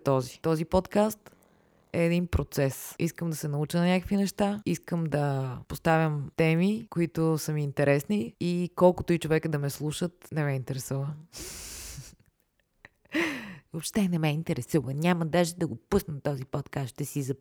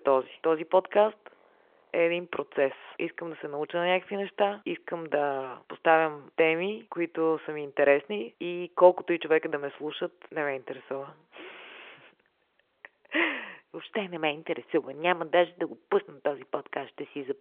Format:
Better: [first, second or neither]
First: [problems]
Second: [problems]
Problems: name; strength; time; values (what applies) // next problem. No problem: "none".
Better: first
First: none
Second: phone-call audio